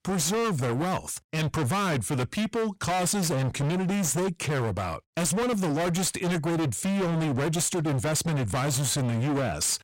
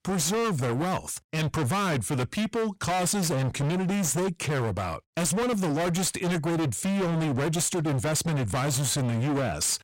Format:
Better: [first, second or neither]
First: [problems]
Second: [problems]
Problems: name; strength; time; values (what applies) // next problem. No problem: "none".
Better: neither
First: distortion; heavy; 44% of the sound clipped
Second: distortion; heavy; 44% of the sound clipped